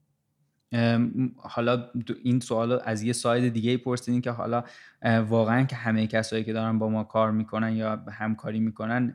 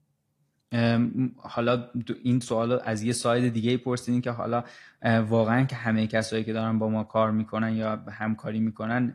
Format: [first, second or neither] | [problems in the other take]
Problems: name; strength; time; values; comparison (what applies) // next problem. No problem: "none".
first | garbled, watery; slightly